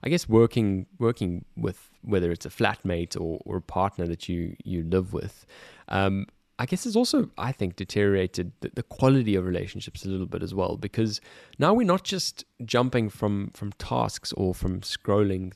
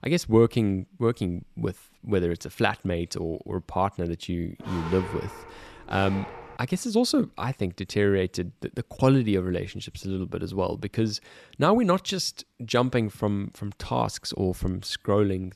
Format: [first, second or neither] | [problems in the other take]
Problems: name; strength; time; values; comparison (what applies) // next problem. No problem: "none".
first | dog barking; noticeable; from 4.5 to 6.5 s; peak 9 dB below the speech